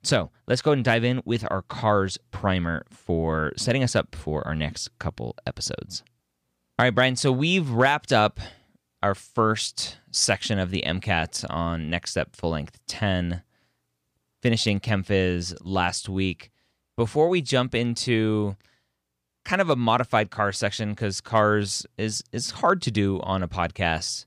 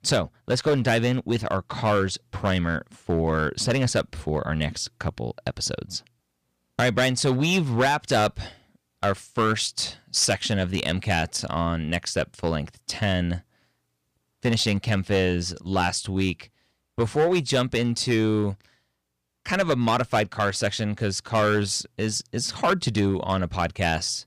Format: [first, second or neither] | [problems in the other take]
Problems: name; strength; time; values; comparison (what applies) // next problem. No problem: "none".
first | distortion; slight; 5% of the sound clipped